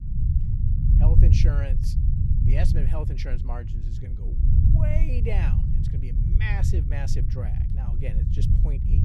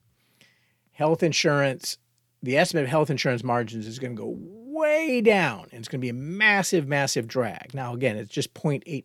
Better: second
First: low rumble; loud; throughout; 1 dB below the speech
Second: none

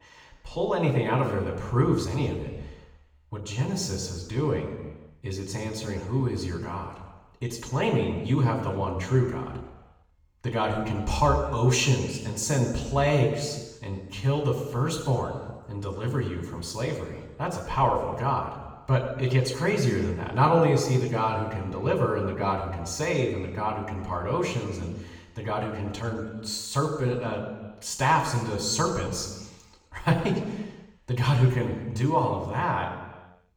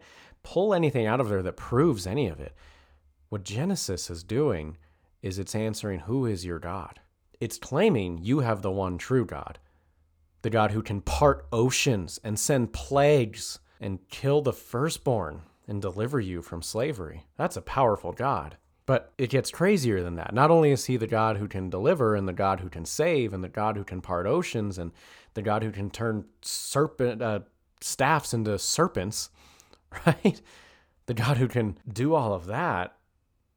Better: second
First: room echo; noticeable; dies away in 1.1 s // off-mic speech; far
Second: none

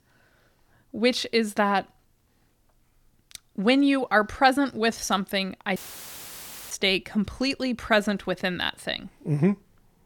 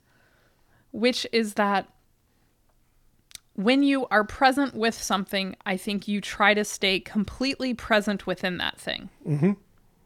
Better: second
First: audio cutting out; filled with static; at 6 s for 1 s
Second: none

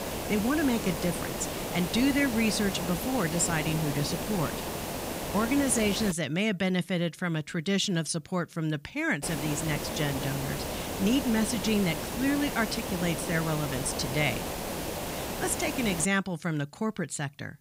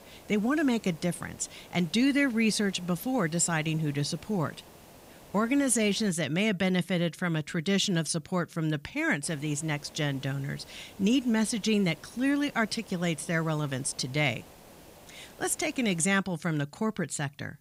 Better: second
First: hiss; loud; until 6 s and from 9 to 16 s; 5 dB below the speech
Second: hiss; faint; until 6 s and from 9 to 16 s; 25 dB below the speech

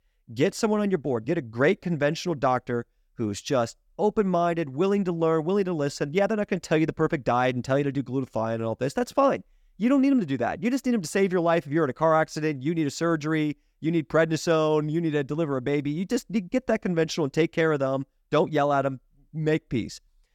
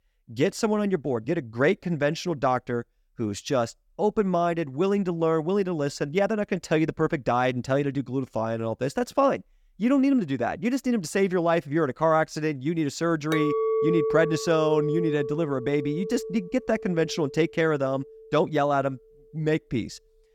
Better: first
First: none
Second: clattering dishes; loud; from 13 to 17 s; peak 1 dB above the speech

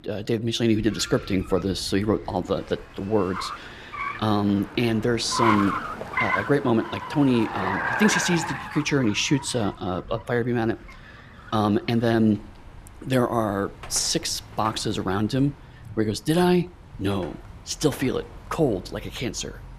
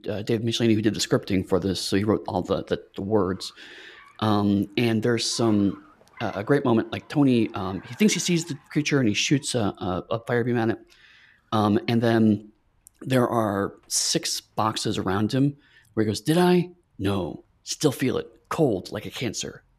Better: second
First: traffic noise; loud; throughout; 6 dB below the speech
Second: traffic noise; faint; throughout; 30 dB below the speech

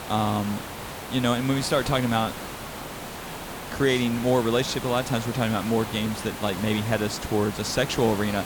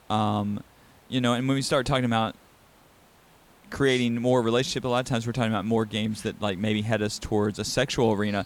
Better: second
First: hiss; loud; throughout; 9 dB below the speech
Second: hiss; faint; throughout; 30 dB below the speech

